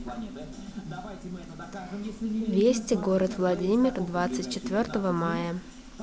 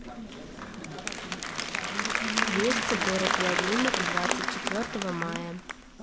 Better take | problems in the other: first | background sound (Applause); 2 dB above the speech

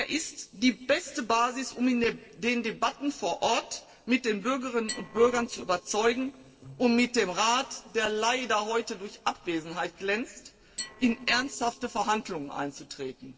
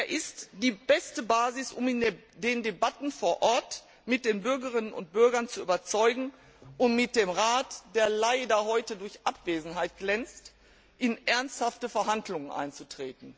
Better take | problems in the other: second | noise reduction (neural separator model SepFormer DNS4)

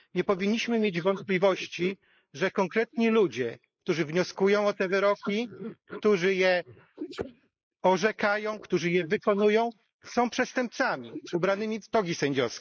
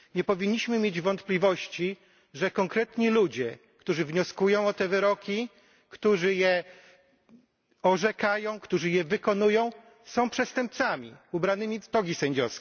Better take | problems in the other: second | noise reduction (neural mask model Resemble Enhance denoiser)

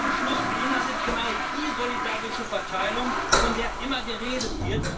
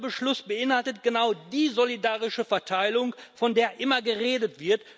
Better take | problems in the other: second | background sound (Toilet flush); 4 dB above the speech // room echo; dies away in 0.2 s

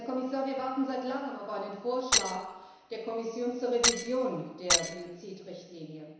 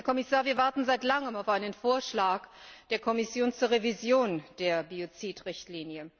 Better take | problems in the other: second | background sound (Shatter); 2 dB above the speech // room echo; dies away in 1 s

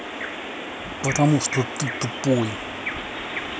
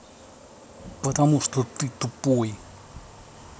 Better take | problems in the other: second | background sound (Bird vocalization, bird call, bird song); 6 dB below the speech

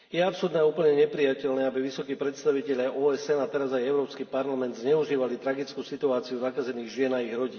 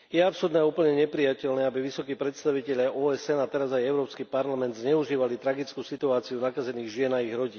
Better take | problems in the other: second | room echo; dies away in 2.1 s

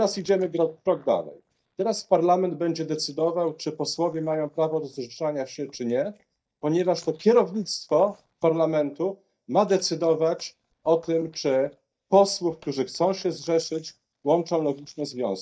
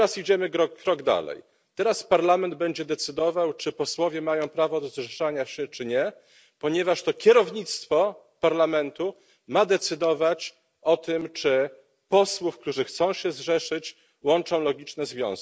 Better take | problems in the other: second | noise reduction (neural mask model DeepFilterNet 3)

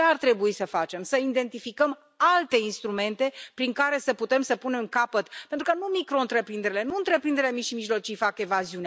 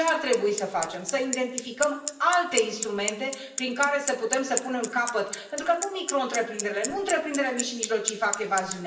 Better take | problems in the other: first | background sound (Bicycle); 8 dB below the speech // room echo; dies away in 0.7 s

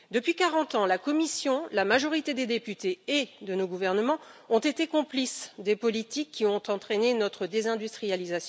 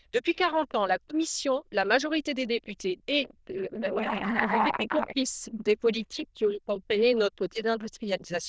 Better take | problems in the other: first | noise reduction (neural diffusion model UNIVERSE++)

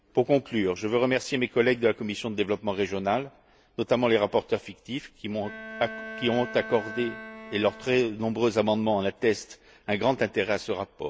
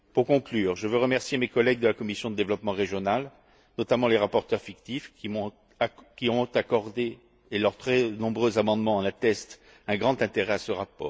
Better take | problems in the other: second | background sound (Bowed string instrument); 14 dB below the speech

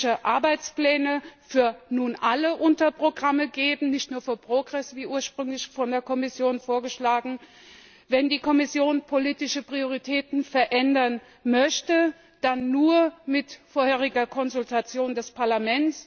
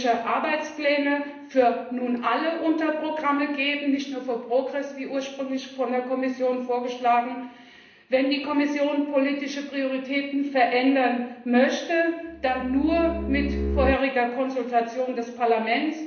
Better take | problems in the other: first | background sound (Bowed string instrument); 4 dB below the speech // room echo; dies away in 0.8 s

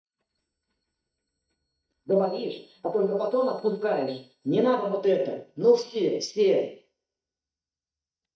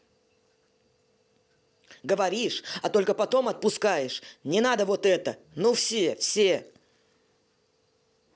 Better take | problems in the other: second | noise reduction (neural mask model DeepFilterNet 3)

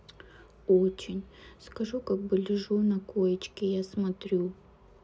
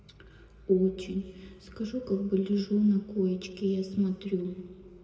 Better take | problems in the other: first | room echo; dies away in 2.3 s

